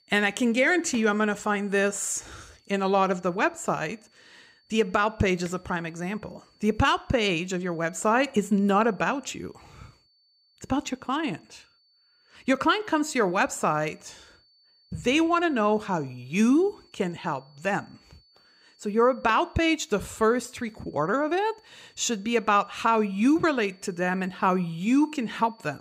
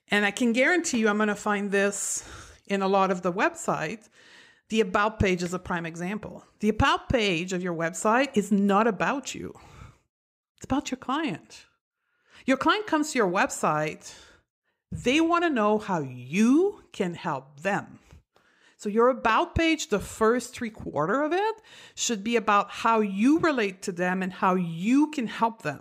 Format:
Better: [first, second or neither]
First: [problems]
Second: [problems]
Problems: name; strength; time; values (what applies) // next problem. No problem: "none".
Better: second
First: high-pitched whine; faint; throughout; 4.5 kHz, 35 dB below the speech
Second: none